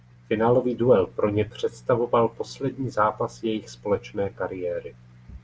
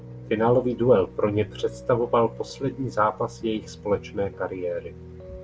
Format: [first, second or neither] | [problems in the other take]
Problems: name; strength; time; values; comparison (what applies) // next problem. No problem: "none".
first | background sound (Piano); 17 dB below the speech